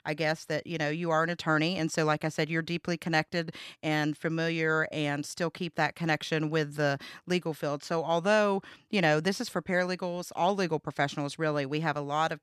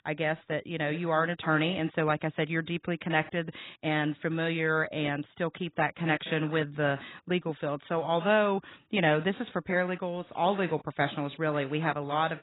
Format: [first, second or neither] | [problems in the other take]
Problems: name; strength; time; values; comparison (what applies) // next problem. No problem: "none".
first | garbled, watery; badly; nothing above 4 kHz